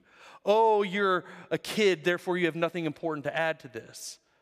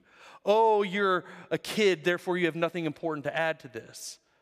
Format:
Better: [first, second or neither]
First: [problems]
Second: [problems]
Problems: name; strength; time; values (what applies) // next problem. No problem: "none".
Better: neither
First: none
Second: none